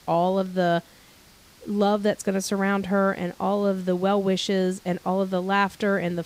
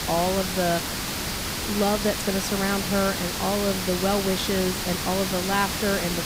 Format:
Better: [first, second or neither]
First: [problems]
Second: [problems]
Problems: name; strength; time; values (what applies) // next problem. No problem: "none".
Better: first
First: hiss; faint; throughout; 25 dB below the speech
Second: hiss; loud; throughout; 1 dB below the speech